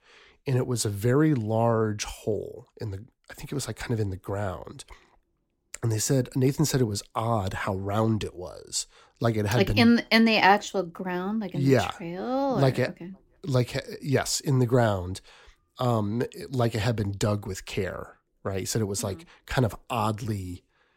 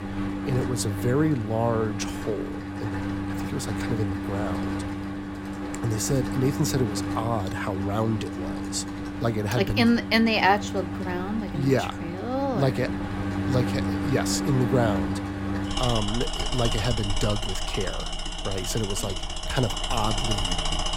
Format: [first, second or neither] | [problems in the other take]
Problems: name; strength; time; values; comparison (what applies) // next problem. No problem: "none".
first | machinery noise; loud; throughout; 3 dB below the speech